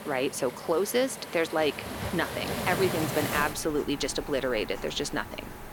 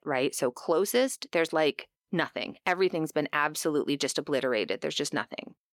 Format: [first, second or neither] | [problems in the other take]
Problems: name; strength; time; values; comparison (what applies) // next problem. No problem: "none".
second | rain or running water; loud; throughout; 7 dB below the speech